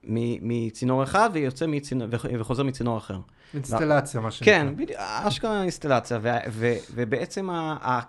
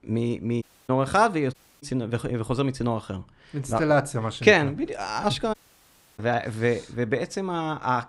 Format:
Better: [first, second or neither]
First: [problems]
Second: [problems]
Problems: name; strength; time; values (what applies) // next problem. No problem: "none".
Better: first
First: none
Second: audio cutting out; at 0.5 s, at 1.5 s and at 5.5 s for 0.5 s